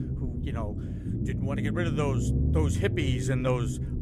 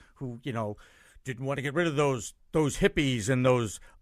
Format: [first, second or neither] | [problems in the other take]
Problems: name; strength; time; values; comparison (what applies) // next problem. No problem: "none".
second | low rumble; loud; throughout; 6 dB below the speech